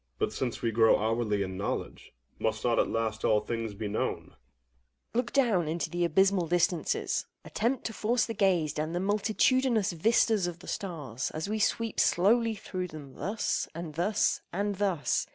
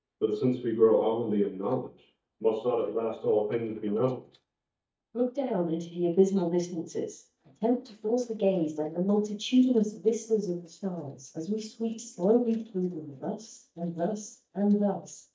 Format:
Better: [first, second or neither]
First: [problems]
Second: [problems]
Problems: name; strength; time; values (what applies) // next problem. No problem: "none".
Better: first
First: none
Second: noise reduction (neural mask model DeepFilterNet 3)